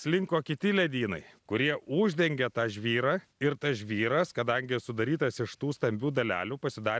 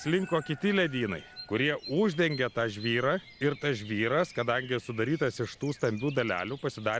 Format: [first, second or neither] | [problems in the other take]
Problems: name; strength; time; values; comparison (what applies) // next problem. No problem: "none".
first | background sound (Bird vocalization, bird call, bird song); 20 dB below the speech